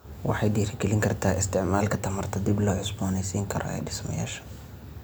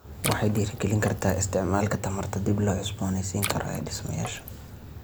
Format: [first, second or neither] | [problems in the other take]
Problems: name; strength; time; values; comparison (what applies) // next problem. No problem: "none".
first | background sound (Water / Splash, splatter); 11 dB below the speech